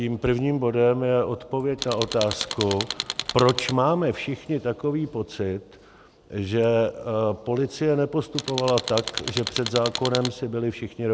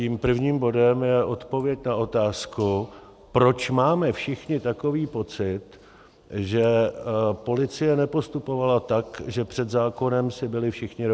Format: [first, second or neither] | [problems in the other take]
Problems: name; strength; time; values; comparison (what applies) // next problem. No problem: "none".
second | background sound (Tools); 7 dB below the speech